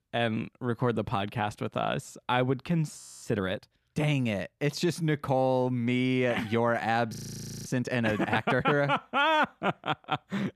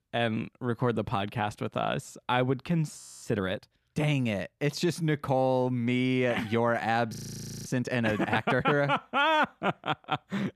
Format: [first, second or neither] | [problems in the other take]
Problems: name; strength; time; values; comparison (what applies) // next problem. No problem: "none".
neither | audio freezing; at 3 s and at 7 s for 0.5 s; the same in both